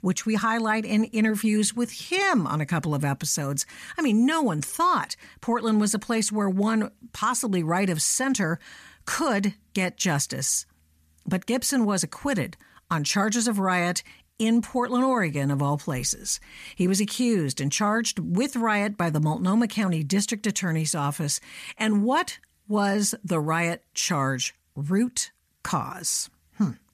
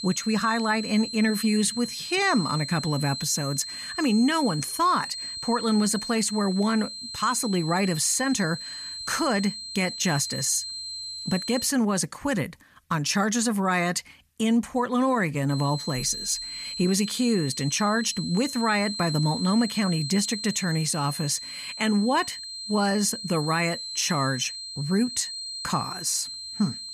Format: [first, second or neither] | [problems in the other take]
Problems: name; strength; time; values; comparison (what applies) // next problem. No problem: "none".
first | high-pitched whine; loud; until 12 s and from 16 s on; 4 kHz, 8 dB below the speech